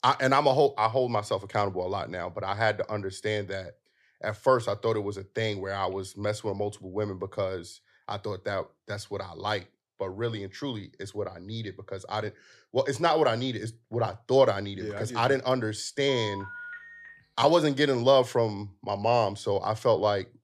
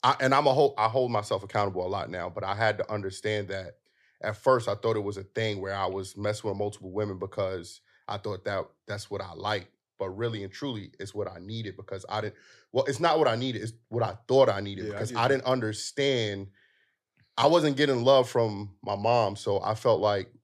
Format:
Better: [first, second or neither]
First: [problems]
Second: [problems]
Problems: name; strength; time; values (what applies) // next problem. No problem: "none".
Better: second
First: phone ringing; faint; from 16 to 17 s; peak 10 dB below the speech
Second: none